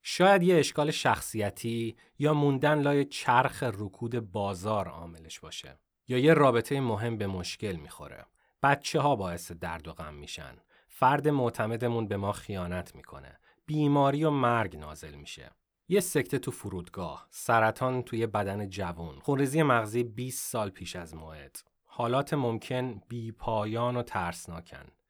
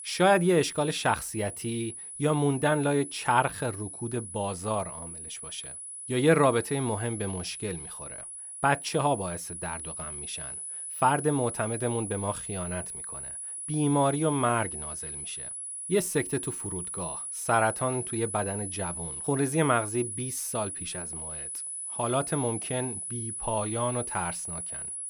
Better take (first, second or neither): first